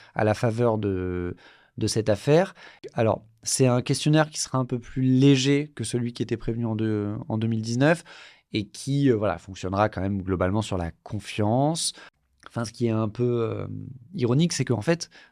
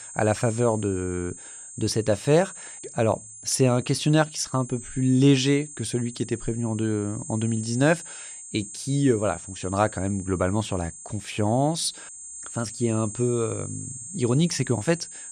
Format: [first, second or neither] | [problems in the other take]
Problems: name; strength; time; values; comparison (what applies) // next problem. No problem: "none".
first | high-pitched whine; noticeable; throughout; 8 kHz, 10 dB below the speech